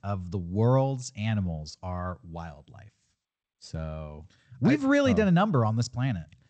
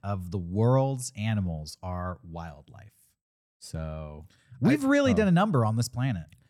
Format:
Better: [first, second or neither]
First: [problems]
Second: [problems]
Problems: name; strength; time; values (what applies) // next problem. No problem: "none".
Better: second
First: garbled, watery; slightly; nothing above 8 kHz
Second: none